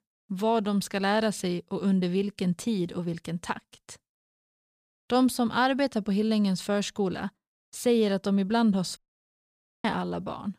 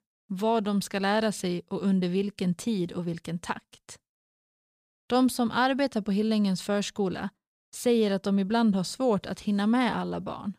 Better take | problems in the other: second | audio cutting out; at 9 s for 1 s

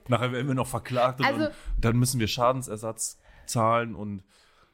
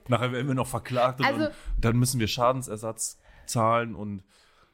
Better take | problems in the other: neither | none

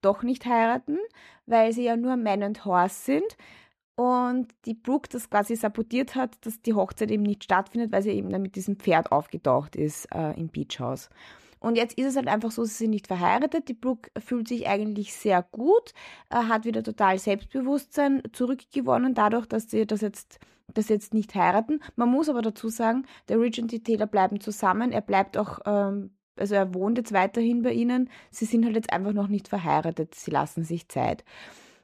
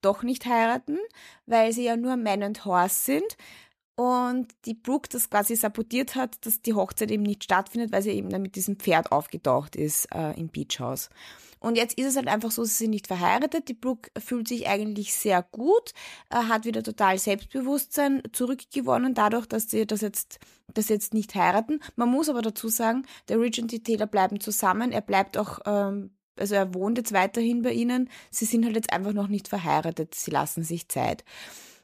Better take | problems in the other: second | muffled; slightly; fading above 2 kHz

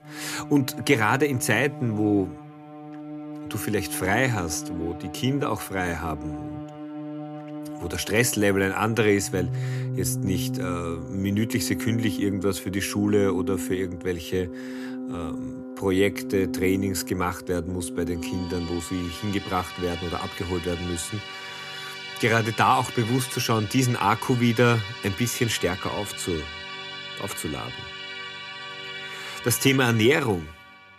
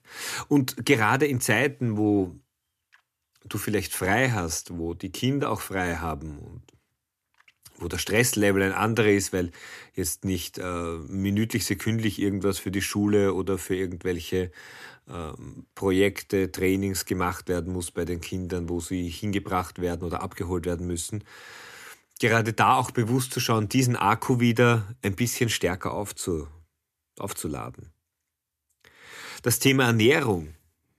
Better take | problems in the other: second | background music; loud; throughout; 9 dB below the speech

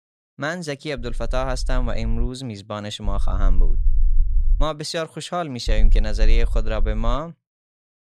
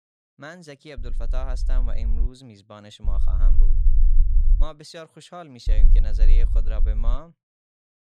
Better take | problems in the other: first | low rumble; loud; from 1 to 2.5 s, from 3 to 4.5 s and from 5.5 to 7 s; 9 dB below the speech; faint in the first

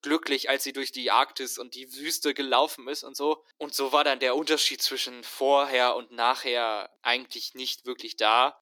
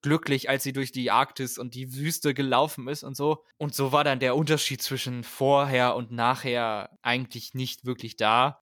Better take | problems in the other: second | thin; somewhat; fading below 300 Hz

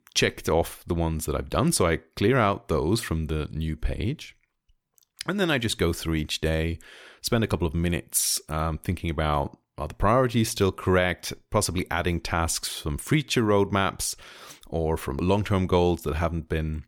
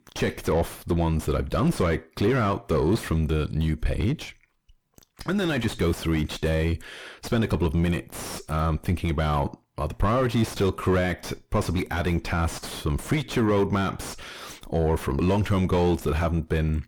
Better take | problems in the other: first | distortion; heavy; 5 dB below the speech

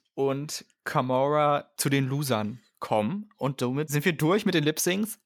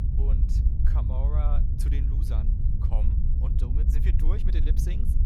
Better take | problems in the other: first | low rumble; loud; throughout; as loud as the speech

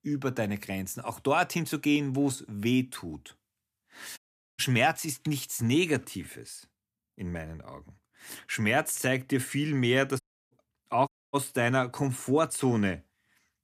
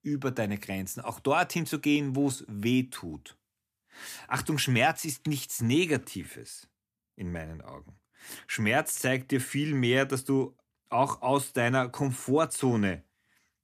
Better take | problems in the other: second | audio cutting out; at 4 s, at 10 s and at 11 s

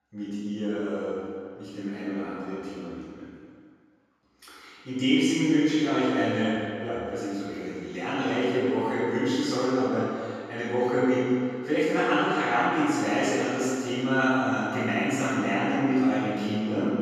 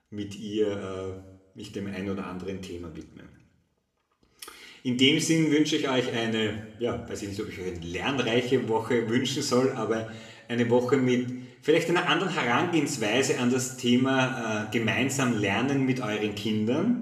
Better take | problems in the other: second | room echo; strong; dies away in 2.2 s; slight in the second // off-mic speech; far; somewhat distant in the second

